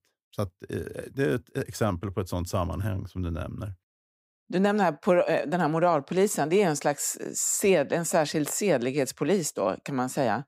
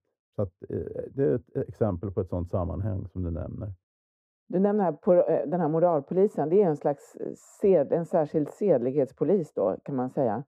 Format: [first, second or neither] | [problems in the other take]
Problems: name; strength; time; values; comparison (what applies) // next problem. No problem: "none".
first | muffled; very; fading above 1.5 kHz